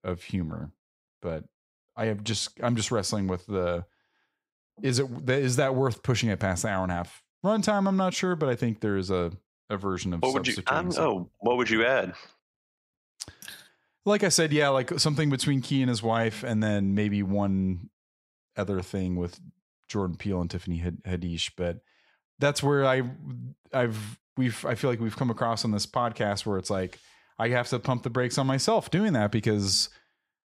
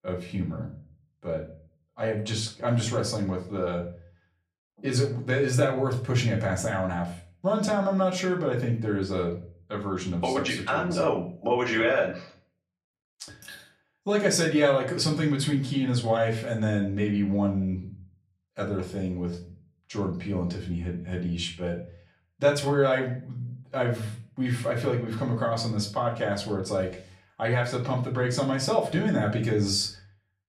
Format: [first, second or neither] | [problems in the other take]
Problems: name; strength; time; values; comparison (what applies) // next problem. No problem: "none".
first | room echo; slight; dies away in 0.4 s // off-mic speech; far